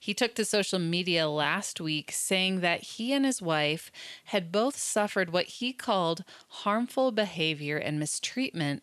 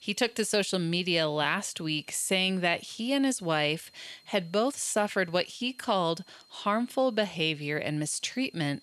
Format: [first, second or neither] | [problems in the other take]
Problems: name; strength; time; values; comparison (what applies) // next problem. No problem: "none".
first | high-pitched whine; faint; throughout; 4 kHz, 30 dB below the speech